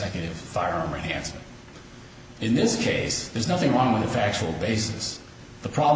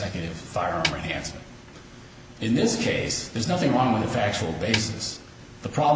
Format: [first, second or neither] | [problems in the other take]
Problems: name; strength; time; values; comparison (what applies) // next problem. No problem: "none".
first | background sound (Snare drum); 8 dB below the speech